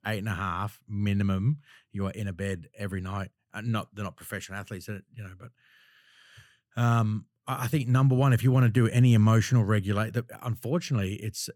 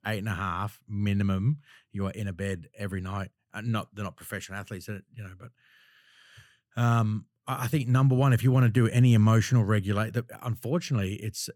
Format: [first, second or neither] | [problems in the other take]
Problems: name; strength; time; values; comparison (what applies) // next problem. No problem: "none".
neither | none